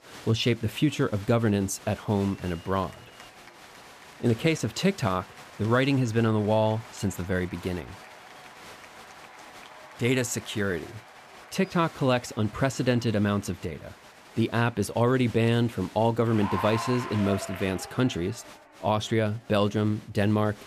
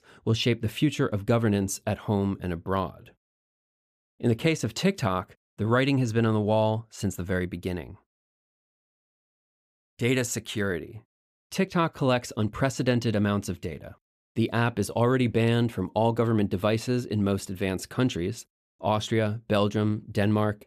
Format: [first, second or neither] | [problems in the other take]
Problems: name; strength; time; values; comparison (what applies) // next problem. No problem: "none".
second | crowd noise; noticeable; throughout; 15 dB below the speech